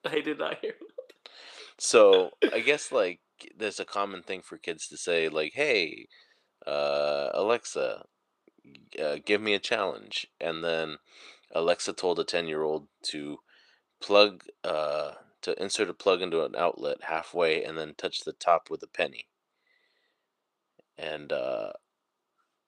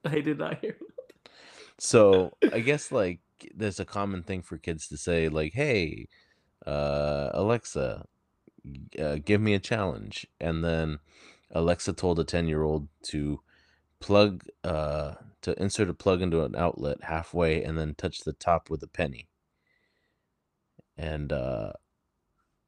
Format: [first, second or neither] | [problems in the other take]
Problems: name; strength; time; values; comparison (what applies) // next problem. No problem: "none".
second | thin; somewhat; fading below 450 Hz